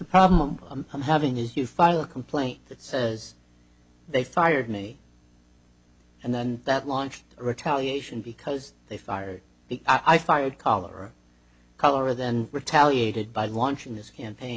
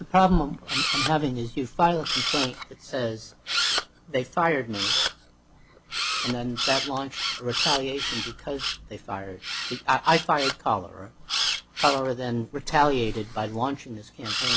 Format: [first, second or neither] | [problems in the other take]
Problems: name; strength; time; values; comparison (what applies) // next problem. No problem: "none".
first | background sound (Camera); 4 dB below the speech